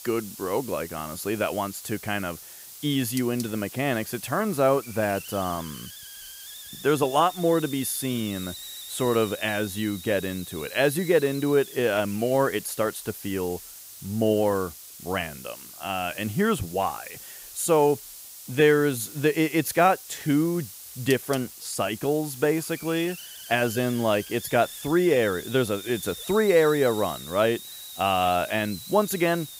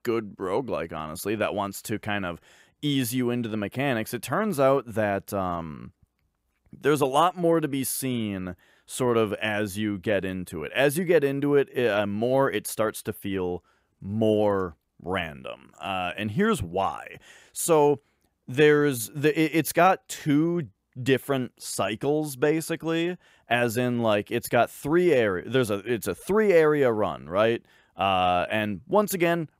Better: second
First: hiss; noticeable; throughout; 15 dB below the speech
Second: none

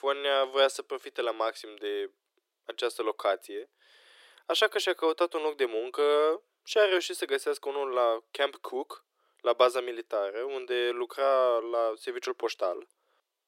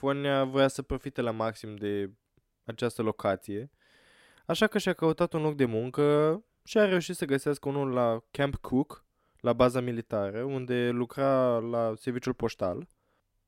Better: second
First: thin; very; fading below 350 Hz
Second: none

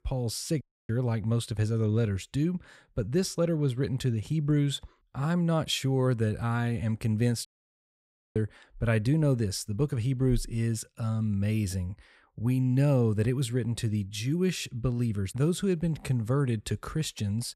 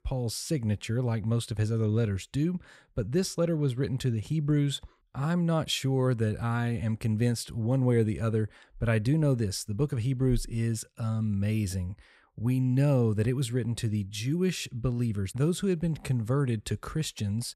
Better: second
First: audio cutting out; at 0.5 s and at 7.5 s for 1 s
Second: none

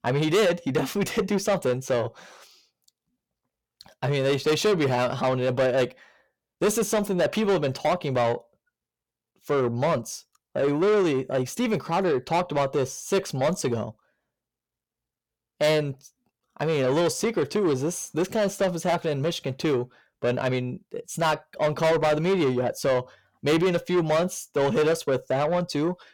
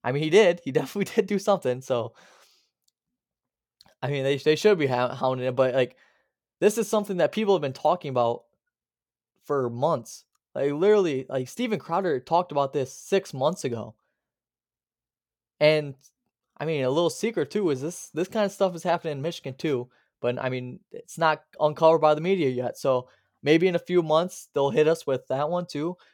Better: second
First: distortion; heavy; 7 dB below the speech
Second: none

